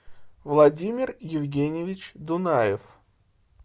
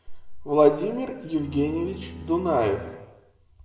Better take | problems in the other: first | background sound (Bowed string instrument); 15 dB below the speech // room echo; dies away in 0.9 s

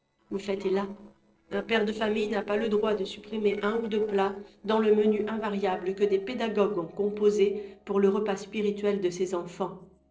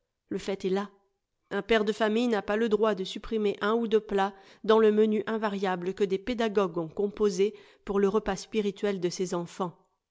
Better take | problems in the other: second | noise reduction (neural separator model SepFormer DNS4)

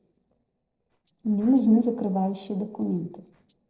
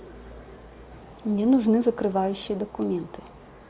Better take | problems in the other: second | noise reduction (neural separator model SepFormer DNS4)

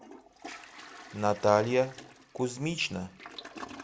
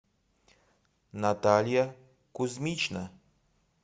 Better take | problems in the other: second | background sound (Toilet flush); 16 dB below the speech

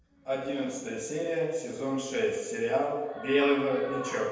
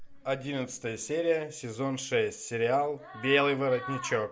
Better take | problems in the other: second | room echo; dies away in 1.1 s

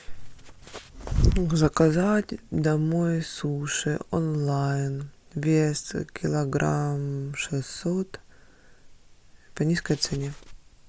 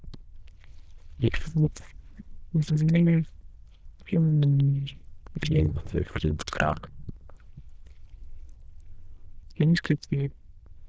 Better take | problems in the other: first | noise reduction (neural diffusion model UNIVERSE++)

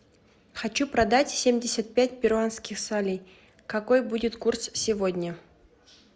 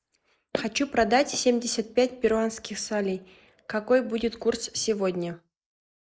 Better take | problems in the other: first | noise reduction (neural mask model Resemble Enhance denoiser)

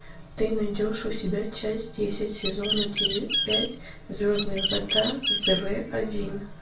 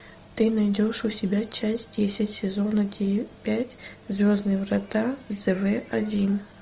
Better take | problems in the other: second | background sound (Bird); as loud as the speech // room echo; dies away in 0.3 s

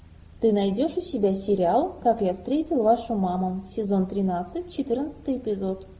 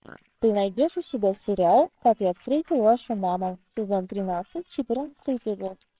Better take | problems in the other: first | noise reduction (neural separator model SepFormer WHAMR!)

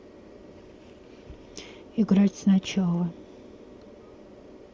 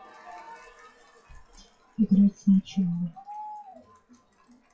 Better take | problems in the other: first | noise reduction (classical method WPE with log-MMSE)

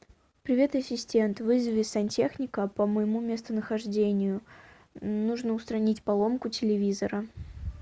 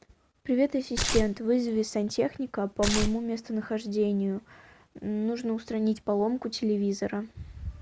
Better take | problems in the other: first | background sound (Tearing); 1 dB below the speech

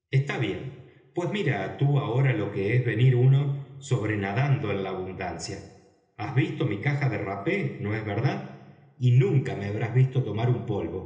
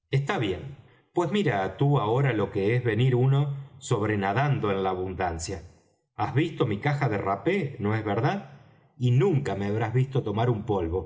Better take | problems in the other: second | room echo; dies away in 0.8 s

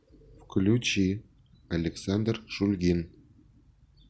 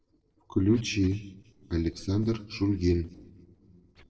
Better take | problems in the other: first | noise reduction (neural separator model SepFormer DNS4)

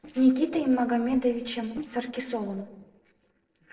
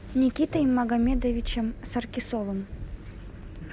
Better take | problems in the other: second | noise reduction (neural separator model SepFormer DNS4)

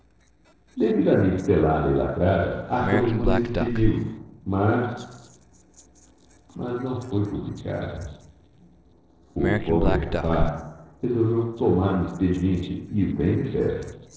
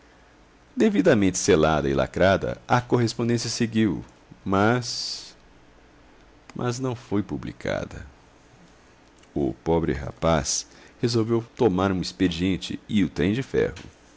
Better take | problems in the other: second | noise reduction (neural separator model SepFormer DNS4)

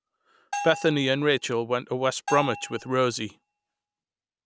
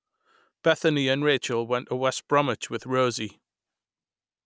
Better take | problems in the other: second | background sound (Bell); 11 dB below the speech

